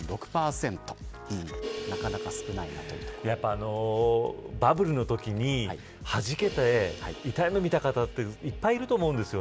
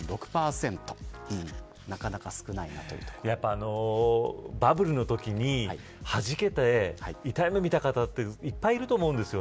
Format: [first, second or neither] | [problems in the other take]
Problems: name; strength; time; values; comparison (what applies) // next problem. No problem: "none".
second | background sound (Crash cymbal + Chink, clink); 14 dB below the speech